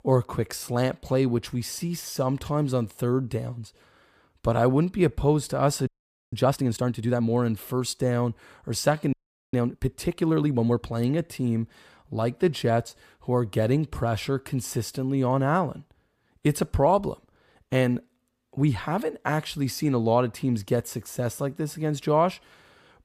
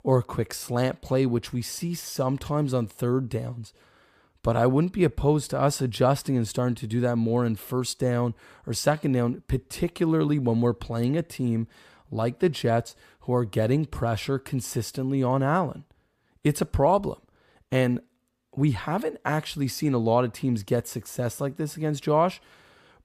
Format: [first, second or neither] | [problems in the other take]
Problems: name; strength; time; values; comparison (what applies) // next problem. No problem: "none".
second | audio freezing; at 6 s and at 9 s